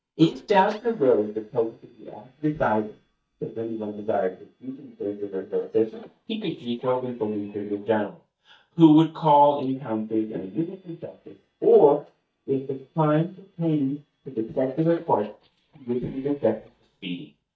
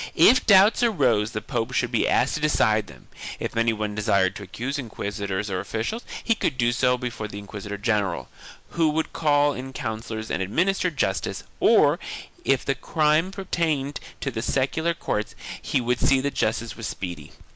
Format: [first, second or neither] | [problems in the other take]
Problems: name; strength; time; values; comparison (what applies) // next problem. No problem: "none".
second | noise reduction (neural mask model DeepFilterNet 3)